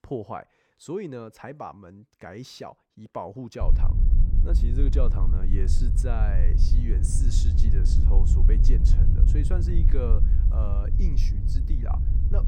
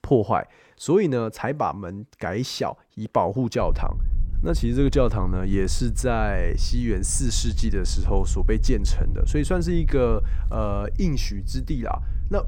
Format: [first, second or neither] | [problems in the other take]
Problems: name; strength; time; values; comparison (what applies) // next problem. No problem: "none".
second | low rumble; loud; from 3.5 s on; 4 dB below the speech; faint in the second